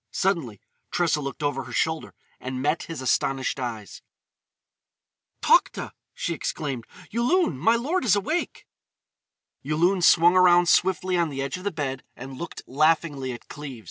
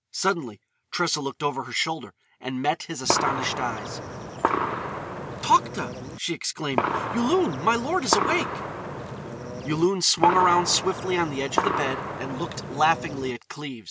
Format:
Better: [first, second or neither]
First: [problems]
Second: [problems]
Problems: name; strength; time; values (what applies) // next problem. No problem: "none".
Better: first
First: none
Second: background sound (Gunshot, gunfire); 3 dB below the speech